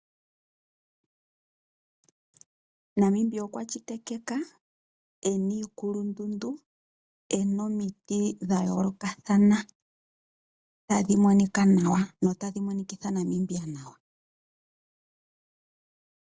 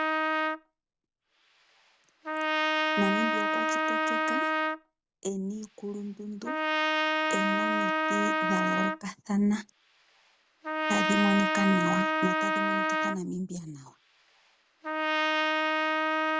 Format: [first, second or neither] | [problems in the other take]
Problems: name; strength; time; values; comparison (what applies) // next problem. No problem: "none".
first | background sound (Trumpet); 4 dB above the speech